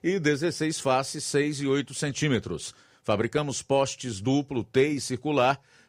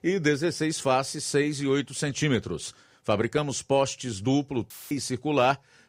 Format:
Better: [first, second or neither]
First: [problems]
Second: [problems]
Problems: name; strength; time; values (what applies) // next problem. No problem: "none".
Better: first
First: none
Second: audio cutting out; filled with static; at 4.5 s